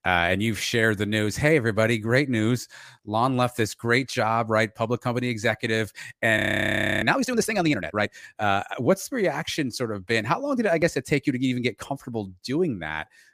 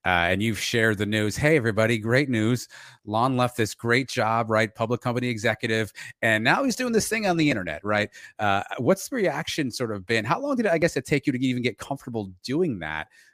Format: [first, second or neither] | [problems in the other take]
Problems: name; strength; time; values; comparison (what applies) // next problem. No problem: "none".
second | audio freezing; at 6.5 s for 0.5 s